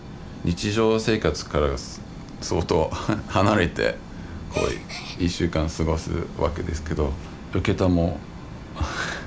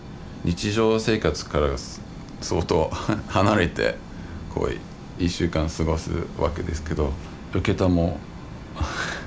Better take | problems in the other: second | background sound (Gasp); 11 dB below the speech

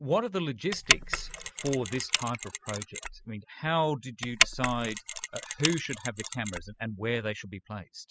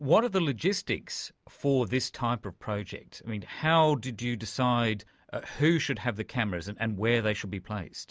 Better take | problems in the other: second | noise reduction (classical method spectral subtraction)

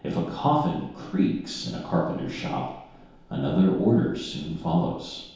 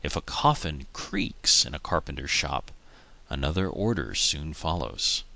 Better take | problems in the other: second | room echo; dies away in 0.8 s

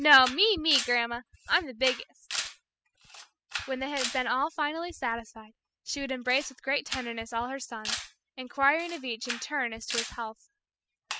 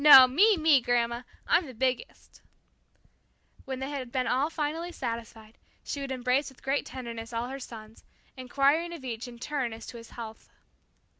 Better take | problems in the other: second | noise reduction (classical method spectral subtraction)

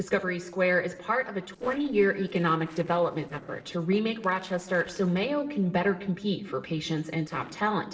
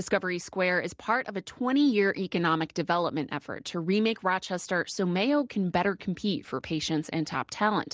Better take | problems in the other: second | noise reduction (neural separator model SepFormer DNS4)

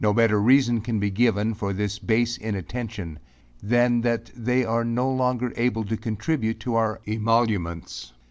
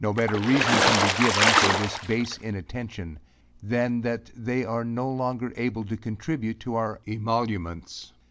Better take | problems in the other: first | background sound (Water / Splash, splatter); 4 dB above the speech

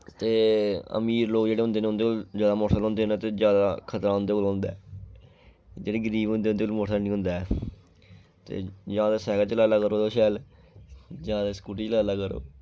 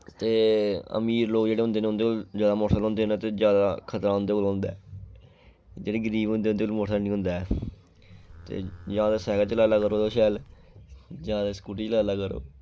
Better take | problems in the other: first | background sound (Livestock, farm animals, working animals); 19 dB below the speech

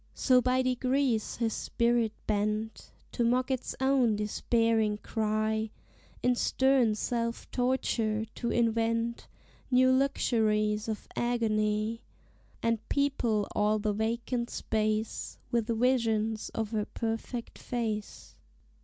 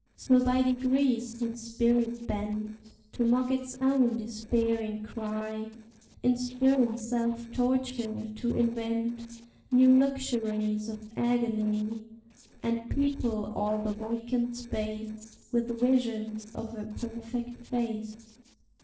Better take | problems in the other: first | noise reduction (neural separator model SepFormer DNS4)

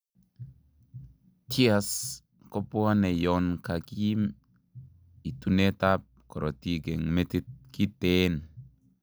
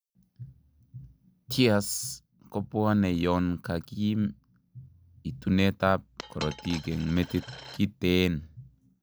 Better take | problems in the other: first | background sound (Coin (dropping)); 18 dB below the speech

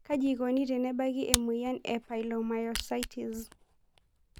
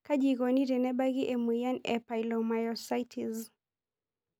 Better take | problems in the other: second | background sound (Camera); 8 dB below the speech

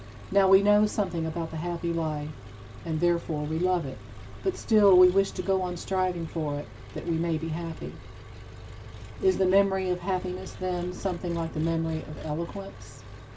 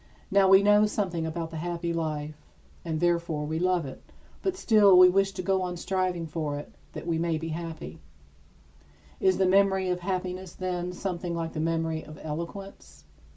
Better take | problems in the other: second | background sound (Engine); 14 dB below the speech

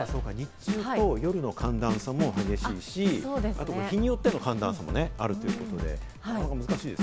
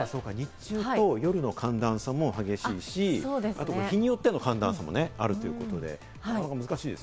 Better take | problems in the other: second | background sound (Drum kit); 4 dB below the speech

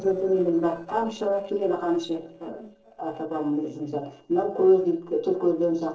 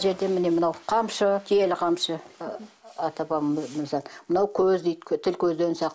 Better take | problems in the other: second | noise reduction (neural separator model SepFormer DNS4)

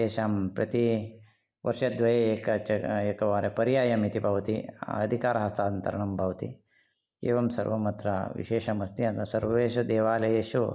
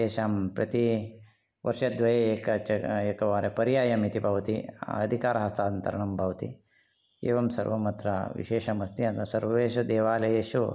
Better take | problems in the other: second | noise reduction (neural mask model DeepFilterNet 3)

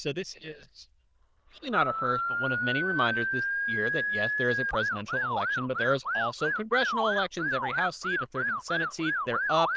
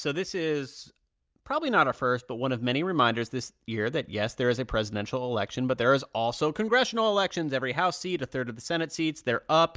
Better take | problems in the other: second | noise reduction (neural diffusion model UNIVERSE++)

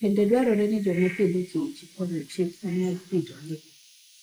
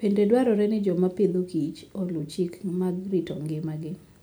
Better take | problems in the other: second | noise reduction (neural mask model Resemble Enhance denoiser)

